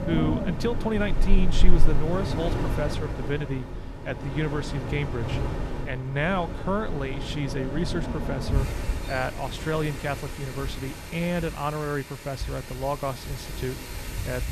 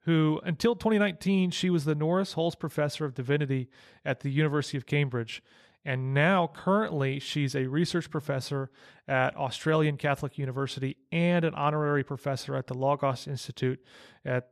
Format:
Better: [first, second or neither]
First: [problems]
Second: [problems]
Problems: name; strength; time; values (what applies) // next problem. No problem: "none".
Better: second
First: wind in the background; loud; throughout; 2 dB below the speech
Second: none